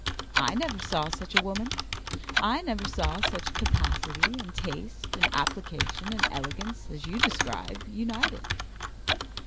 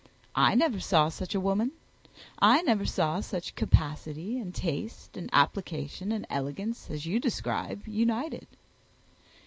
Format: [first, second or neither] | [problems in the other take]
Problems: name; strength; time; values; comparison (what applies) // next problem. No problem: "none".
second | background sound (Clock + Typing); 3 dB above the speech